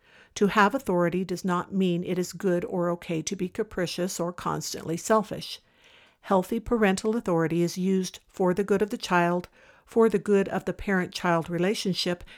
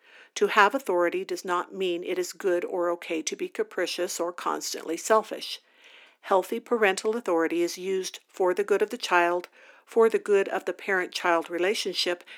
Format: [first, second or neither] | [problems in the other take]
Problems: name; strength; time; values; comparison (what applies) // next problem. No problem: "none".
first | thin; somewhat; fading below 250 Hz